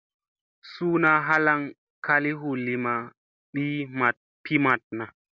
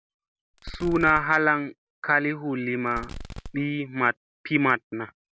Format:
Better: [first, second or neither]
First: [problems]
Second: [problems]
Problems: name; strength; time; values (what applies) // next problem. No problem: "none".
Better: first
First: none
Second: background sound (Fireworks); 13 dB below the speech